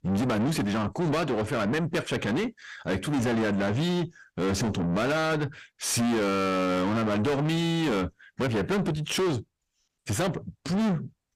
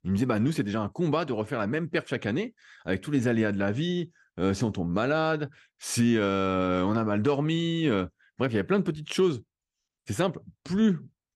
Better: second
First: distortion; heavy; 6 dB below the speech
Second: none

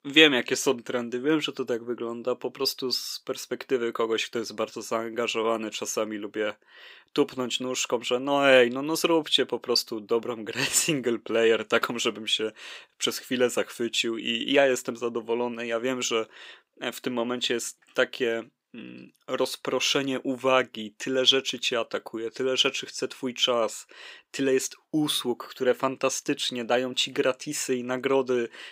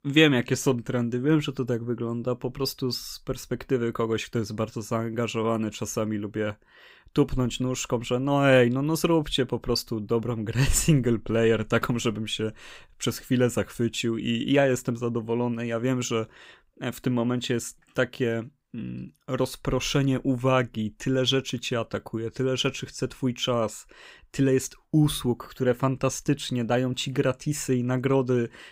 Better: second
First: thin; somewhat; fading below 400 Hz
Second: none

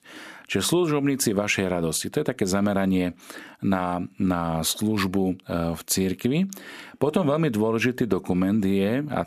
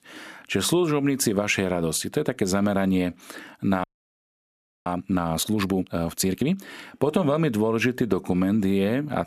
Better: first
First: none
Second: audio freezing; at 4 s for 1 s

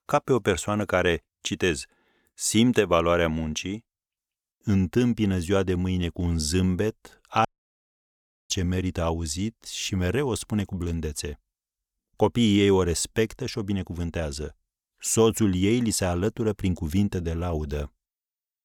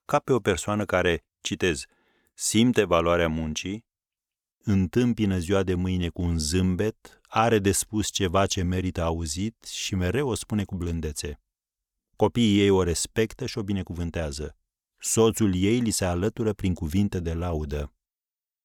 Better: second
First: audio cutting out; at 7.5 s for 1 s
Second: none

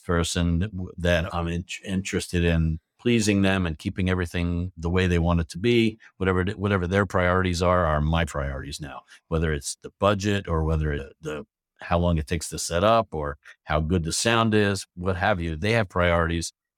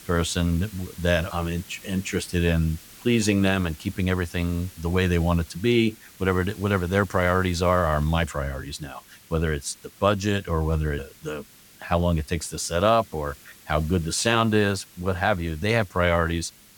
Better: first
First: none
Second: hiss; faint; throughout; 20 dB below the speech

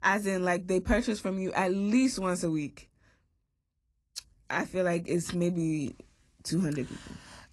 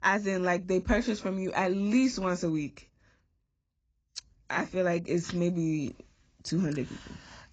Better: first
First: garbled, watery; slightly; nothing above 11.5 kHz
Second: garbled, watery; badly; nothing above 7.5 kHz

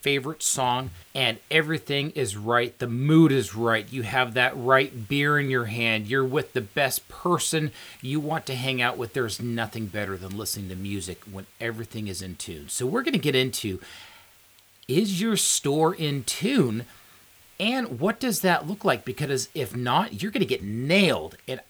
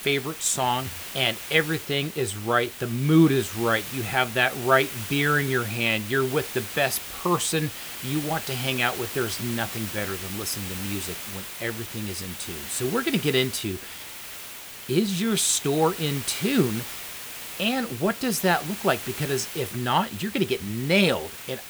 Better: first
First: hiss; faint; throughout; 25 dB below the speech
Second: hiss; loud; throughout; 9 dB below the speech

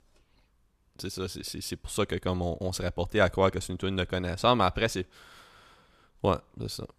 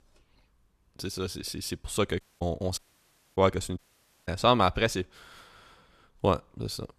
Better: first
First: none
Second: audio cutting out; at 2 s, at 3 s for 0.5 s and at 4 s

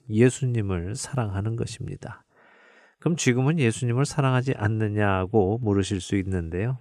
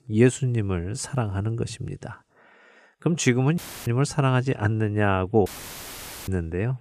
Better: first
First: none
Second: audio cutting out; filled with static; at 3.5 s and at 5.5 s for 1 s

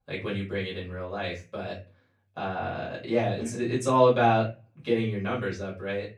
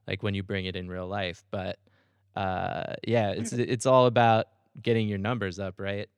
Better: second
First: off-mic speech; far // room echo; slight; dies away in 0.3 s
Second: none

